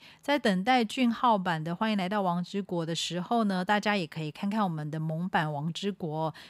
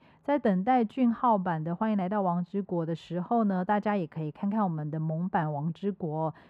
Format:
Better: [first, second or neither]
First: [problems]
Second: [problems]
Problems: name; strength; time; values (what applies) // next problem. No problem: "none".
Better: first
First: none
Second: muffled; very; fading above 2.5 kHz